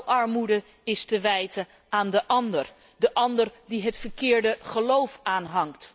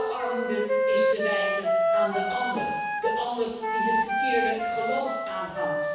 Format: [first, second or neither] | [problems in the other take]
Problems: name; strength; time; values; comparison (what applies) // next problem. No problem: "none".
first | background sound (Wind instrument, woodwind instrument); 5 dB above the speech // room echo; dies away in 1.1 s